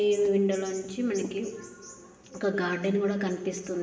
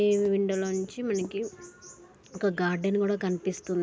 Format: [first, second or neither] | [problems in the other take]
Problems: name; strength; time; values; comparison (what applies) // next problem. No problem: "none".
second | room echo; dies away in 2.9 s